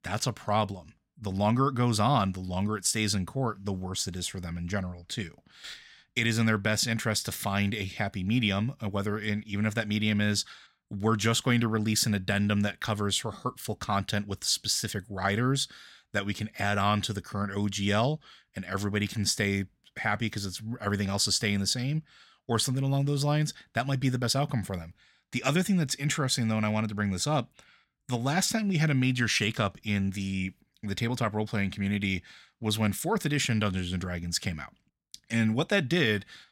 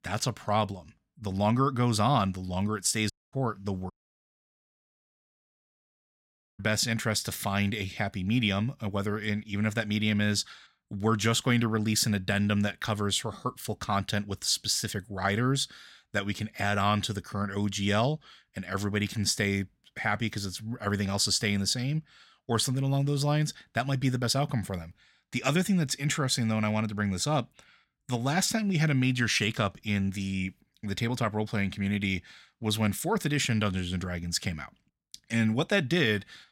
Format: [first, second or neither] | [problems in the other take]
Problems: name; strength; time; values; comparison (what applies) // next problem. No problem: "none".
first | audio cutting out; at 3 s and at 4 s for 2.5 s